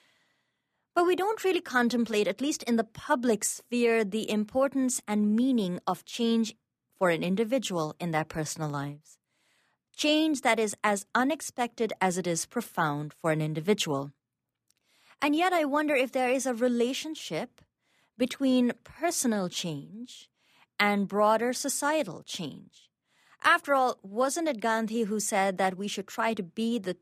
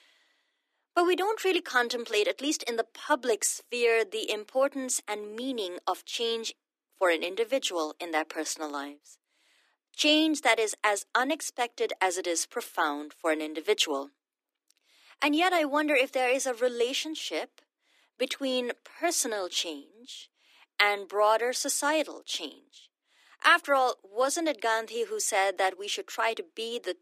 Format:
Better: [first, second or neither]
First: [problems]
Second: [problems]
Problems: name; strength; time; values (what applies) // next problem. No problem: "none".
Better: first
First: none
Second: thin; somewhat; fading below 300 Hz